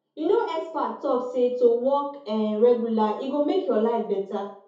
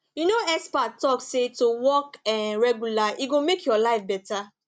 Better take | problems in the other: second | room echo; dies away in 0.5 s

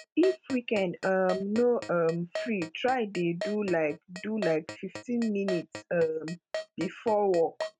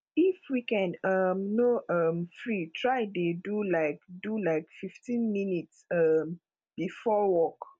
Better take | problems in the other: second | noise reduction (neural mask model RNNoise)

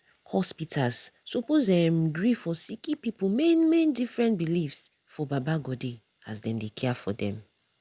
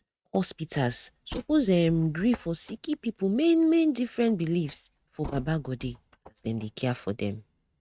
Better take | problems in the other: first | noise reduction (neural mask model RNNoise)

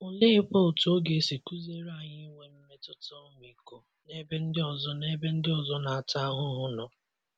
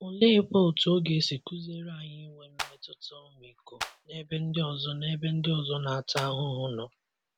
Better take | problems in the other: first | background sound (Clapping); 9 dB below the speech

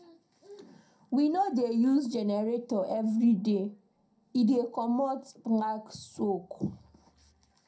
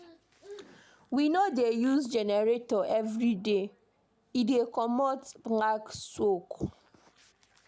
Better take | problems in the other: second | room echo; dies away in 0.2 s

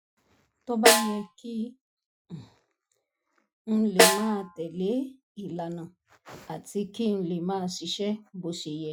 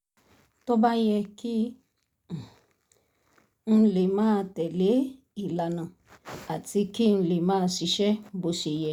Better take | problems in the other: second | noise reduction (classical method Wiener filter)

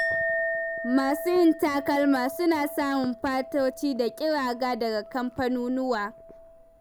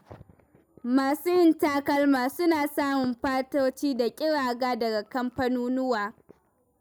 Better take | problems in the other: second | background sound (Chink, clink); 8 dB below the speech

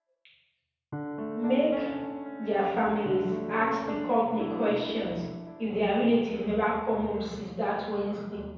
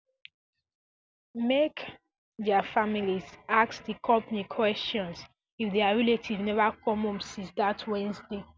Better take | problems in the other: second | background sound (Piano); 10 dB below the speech // room echo; dies away in 1.1 s

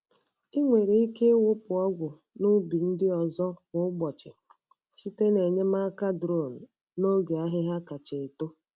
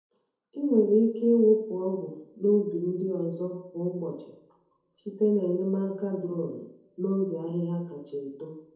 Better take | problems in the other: first | room echo; dies away in 2 s

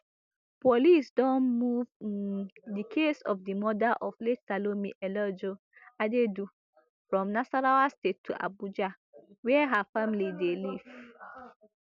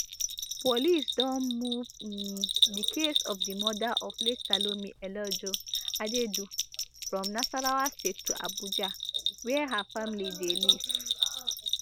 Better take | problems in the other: first | background sound (Bell); 1 dB above the speech

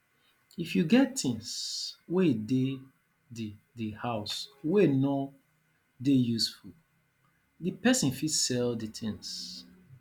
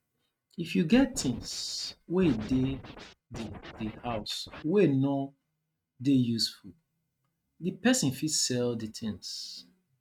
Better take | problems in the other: first | noise reduction (neural mask model RNNoise)

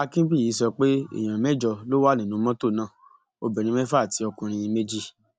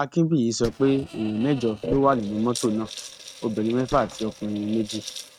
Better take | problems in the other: first | noise reduction (neural mask model RNNoise)

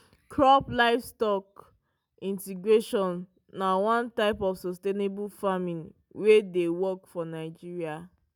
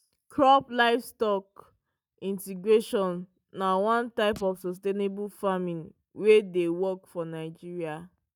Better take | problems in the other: first | noise reduction (neural mask model DeepFilterNet 3)

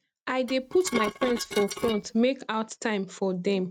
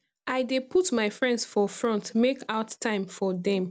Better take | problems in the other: second | noise reduction (neural mask model RNNoise)

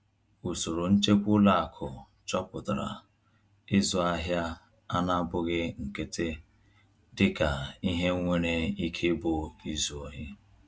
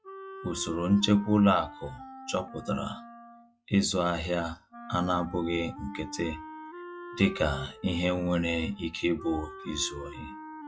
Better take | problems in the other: first | noise reduction (classical method log-MMSE)

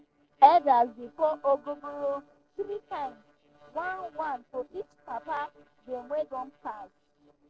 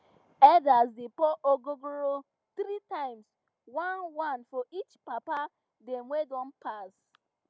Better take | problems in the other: second | noise reduction (neural separator model SepFormer DNS4)

